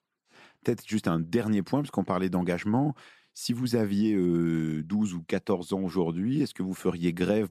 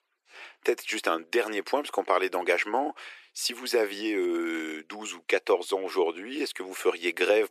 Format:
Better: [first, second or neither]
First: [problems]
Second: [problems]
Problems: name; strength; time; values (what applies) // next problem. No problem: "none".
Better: first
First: none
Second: thin; very; fading below 350 Hz